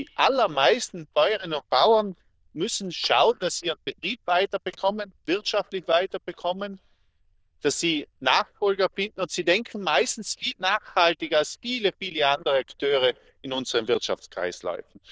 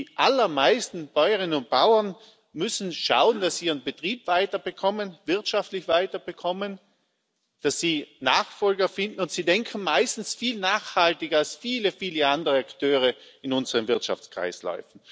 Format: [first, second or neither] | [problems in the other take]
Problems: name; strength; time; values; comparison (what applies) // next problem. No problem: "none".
second | noise reduction (neural diffusion model UNIVERSE++)